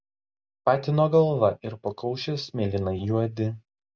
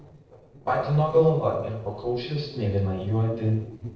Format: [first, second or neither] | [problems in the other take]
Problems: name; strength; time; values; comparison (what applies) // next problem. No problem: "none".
first | noise reduction (neural separator model SepFormer DNS4)